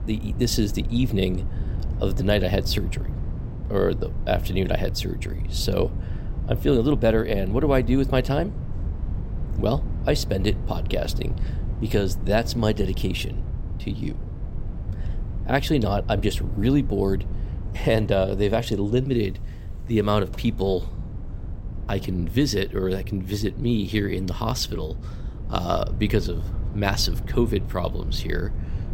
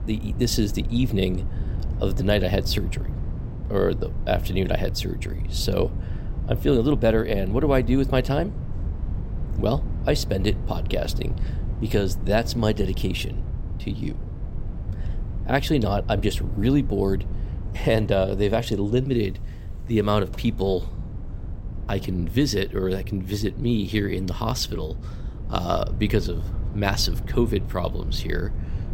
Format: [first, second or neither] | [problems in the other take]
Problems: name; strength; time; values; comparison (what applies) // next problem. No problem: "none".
neither | low rumble; noticeable; throughout; 20 dB below the speech; the same in both